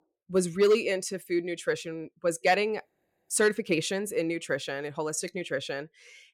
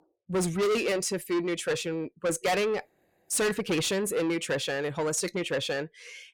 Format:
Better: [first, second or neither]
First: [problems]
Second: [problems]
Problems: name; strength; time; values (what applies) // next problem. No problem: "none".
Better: first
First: none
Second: distortion; heavy; 6 dB below the speech